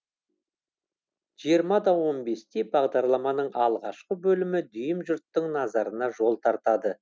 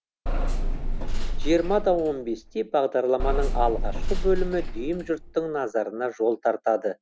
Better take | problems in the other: first | background sound (Bus / Engine); 1 dB above the speech

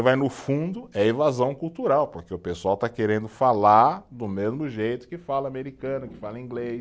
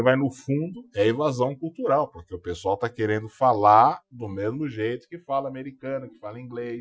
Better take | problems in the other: first | noise reduction (classical method Wiener filter)

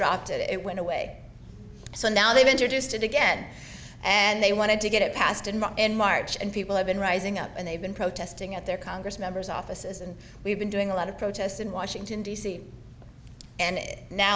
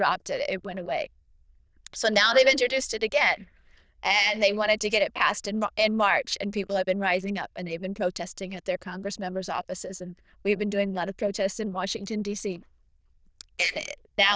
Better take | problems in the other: first | noise reduction (neural diffusion model UNIVERSE++)

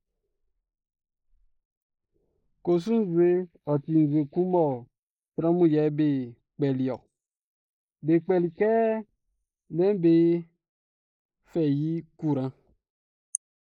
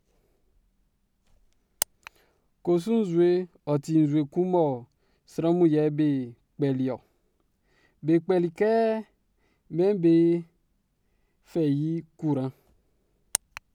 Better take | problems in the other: second | noise reduction (neural mask model Resemble Enhance denoiser)

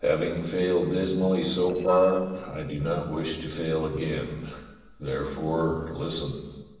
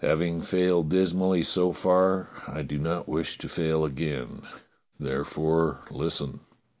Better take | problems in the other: second | noise reduction (neural separator model SepFormer DNS4)

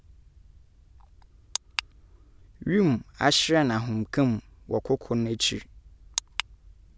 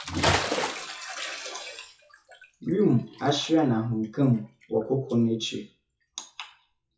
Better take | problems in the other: first | noise reduction (classical method WPE with log-MMSE)

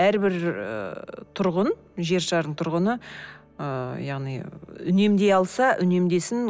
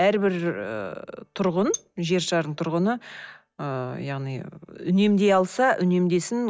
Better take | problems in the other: first | noise reduction (neural mask model DeepFilterNet 3)

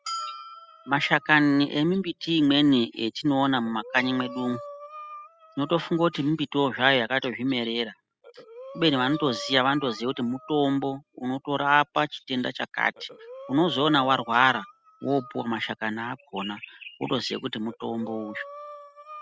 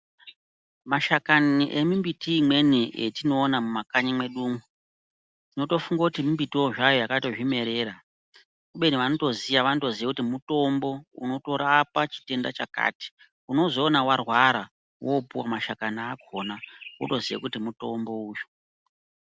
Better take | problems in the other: second | noise reduction (classical method spectral subtraction)

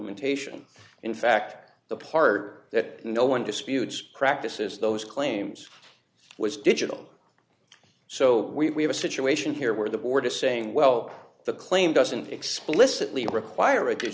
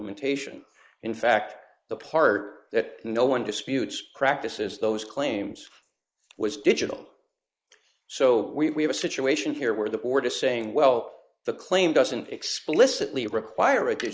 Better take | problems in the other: first | noise reduction (neural mask model Resemble Enhance denoiser)

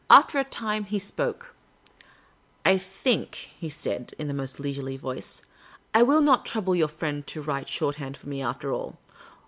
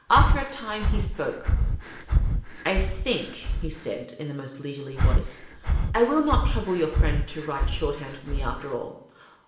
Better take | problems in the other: first | background sound (Breathing); 4 dB above the speech // room echo; dies away in 0.7 s

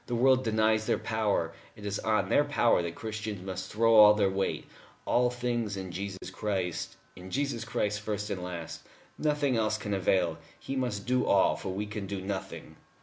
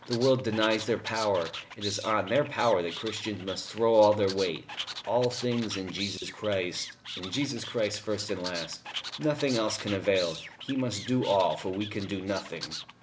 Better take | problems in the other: first | background sound (Animal); 12 dB below the speech

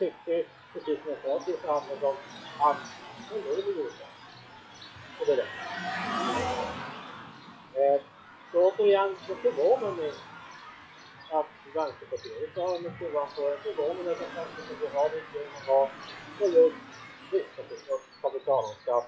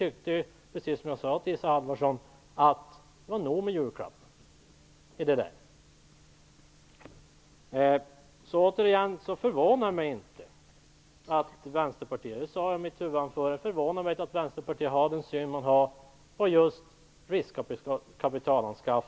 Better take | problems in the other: second | noise reduction (classical method WPE with log-MMSE)

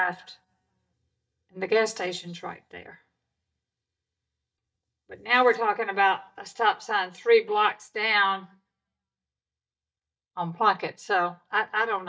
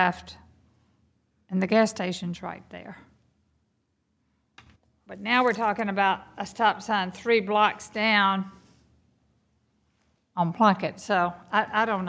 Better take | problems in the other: second | noise reduction (neural mask model DeepFilterNet 3)

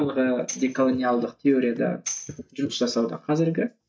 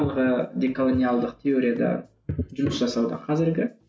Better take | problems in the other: second | noise reduction (neural mask model DeepFilterNet 3)

